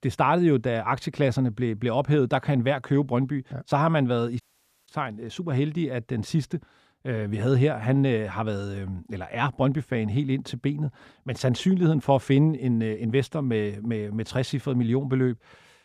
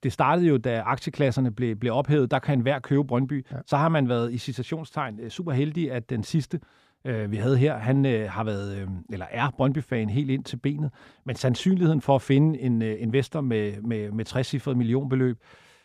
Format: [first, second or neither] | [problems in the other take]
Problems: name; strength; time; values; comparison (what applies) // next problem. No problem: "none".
second | audio cutting out; at 4.5 s